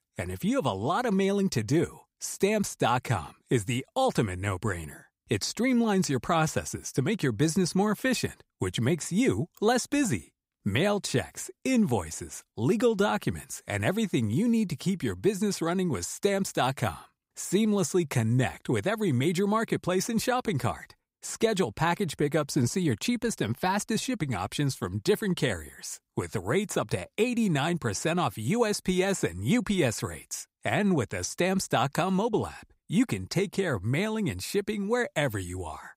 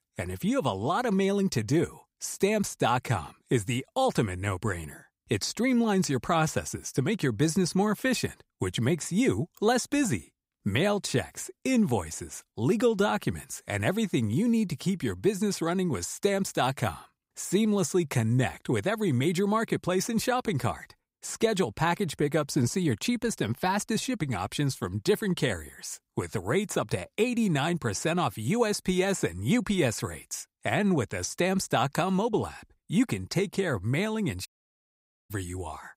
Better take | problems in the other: first | audio cutting out; at 34 s for 1 s

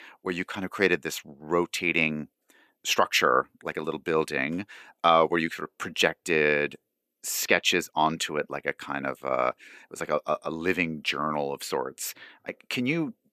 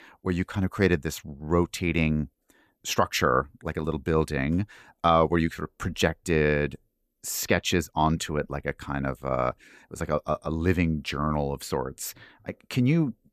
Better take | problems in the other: second | thin; somewhat; fading below 300 Hz

